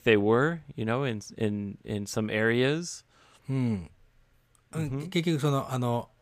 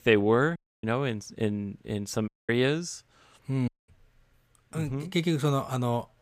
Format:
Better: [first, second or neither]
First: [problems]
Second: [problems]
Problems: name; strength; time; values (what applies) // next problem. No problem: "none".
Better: first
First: none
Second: audio cutting out; at 0.5 s, at 2.5 s and at 3.5 s